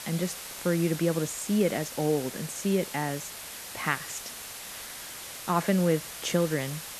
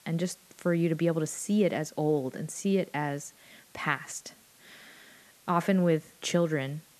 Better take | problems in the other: second | hiss; loud; throughout; 9 dB below the speech; faint in the second

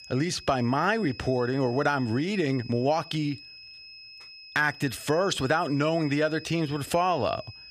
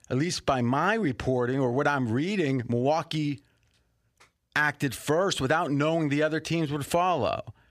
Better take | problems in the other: second | high-pitched whine; noticeable; throughout; 5 kHz, 15 dB below the speech

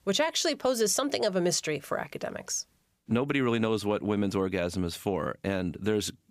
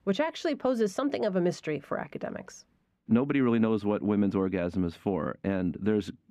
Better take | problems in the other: first | muffled; slightly; fading above 4 kHz

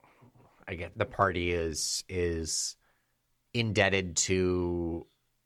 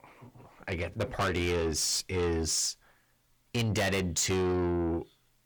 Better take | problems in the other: first | distortion; heavy; 6 dB below the speech

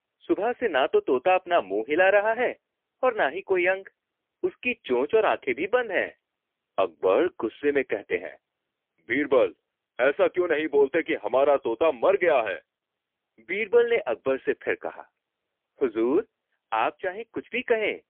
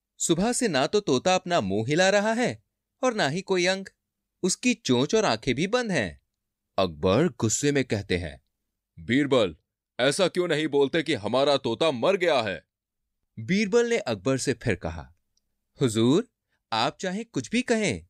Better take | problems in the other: second | phone-call audio; poor line

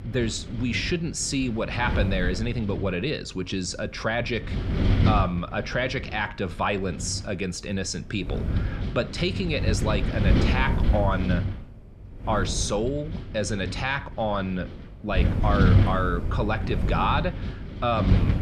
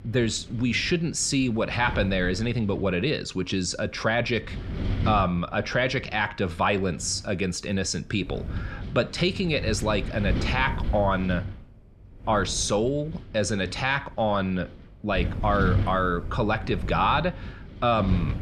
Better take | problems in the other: second | wind noise on the microphone; heavy; 9 dB below the speech; occasional gusts in the second

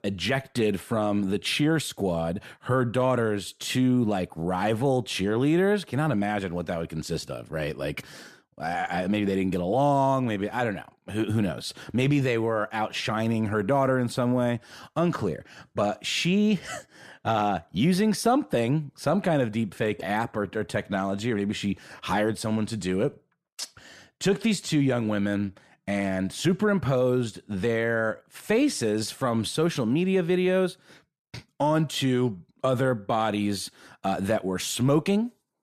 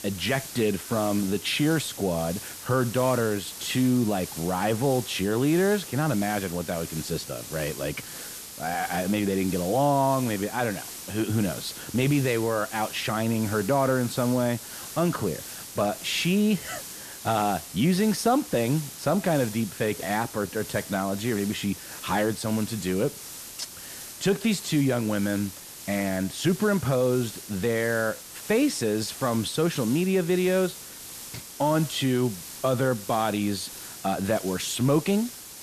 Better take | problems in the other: first | hiss; noticeable; throughout; 10 dB below the speech

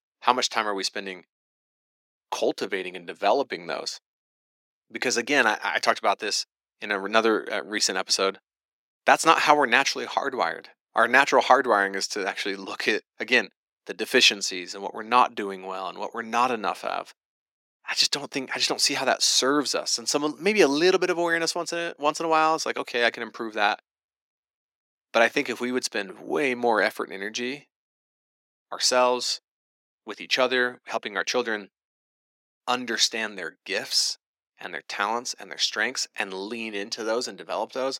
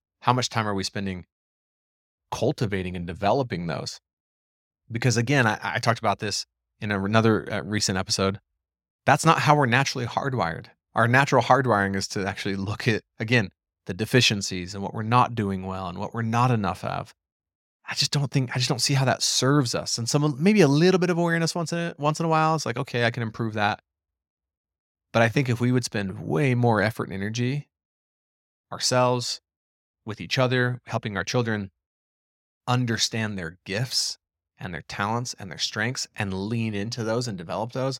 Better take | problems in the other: second | thin; somewhat; fading below 300 Hz

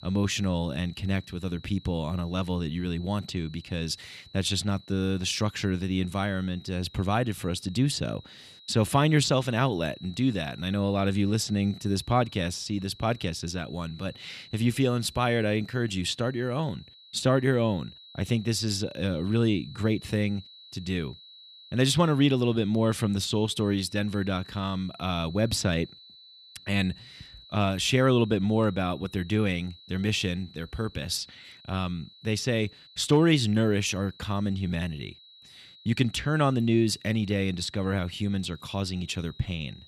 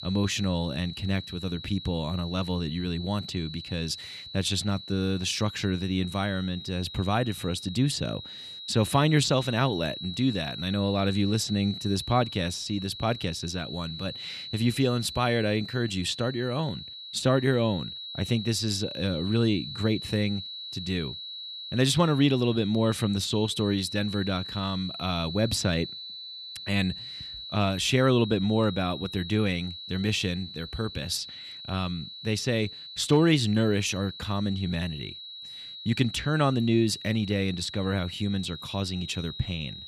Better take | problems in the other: first | high-pitched whine; loud; throughout; 4 kHz, 10 dB below the speech; faint in the first

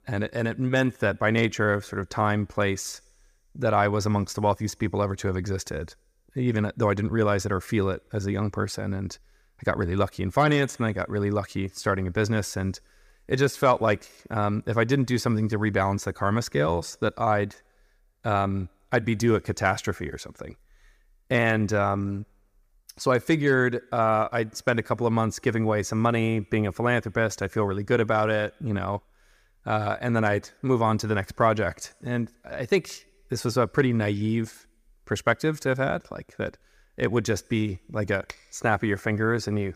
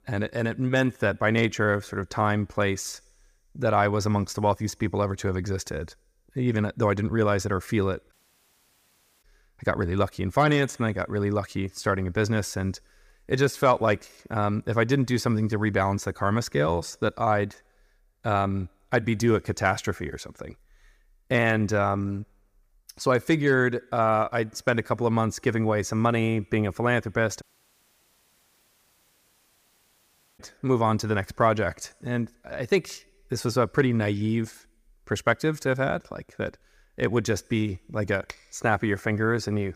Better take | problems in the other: first | audio cutting out; at 8 s for 1 s and at 27 s for 3 s

